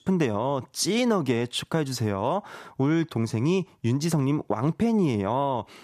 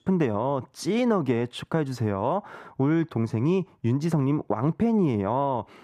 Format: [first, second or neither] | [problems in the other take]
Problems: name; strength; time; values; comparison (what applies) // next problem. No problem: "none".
first | muffled; slightly; fading above 2.5 kHz